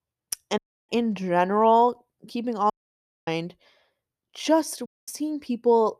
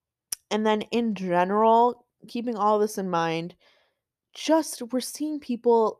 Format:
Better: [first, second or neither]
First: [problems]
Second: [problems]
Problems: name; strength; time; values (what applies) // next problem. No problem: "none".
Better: second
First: audio cutting out; at 0.5 s, at 2.5 s for 0.5 s and at 5 s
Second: none